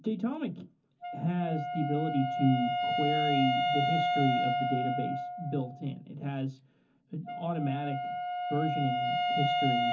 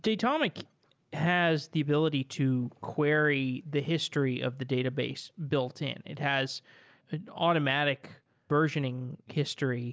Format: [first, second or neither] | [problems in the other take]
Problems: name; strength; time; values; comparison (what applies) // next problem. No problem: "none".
second | background sound (Wind instrument, woodwind instrument); 1 dB above the speech // room echo; dies away in 0.3 s